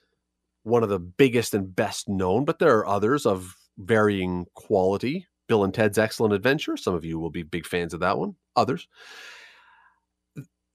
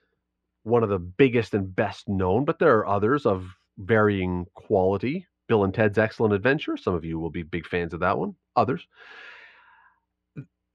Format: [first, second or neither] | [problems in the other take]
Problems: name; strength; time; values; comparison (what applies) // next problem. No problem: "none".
first | muffled; slightly; fading above 2.5 kHz